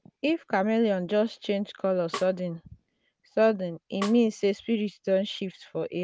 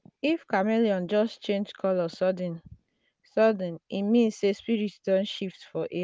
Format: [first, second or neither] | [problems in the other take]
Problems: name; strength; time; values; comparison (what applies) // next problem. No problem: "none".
second | background sound (Snare drum); 15 dB below the speech